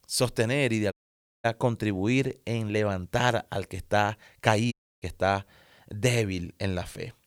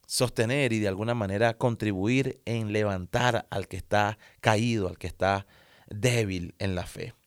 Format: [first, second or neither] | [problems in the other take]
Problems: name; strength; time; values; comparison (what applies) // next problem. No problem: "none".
second | audio cutting out; at 1 s for 0.5 s and at 4.5 s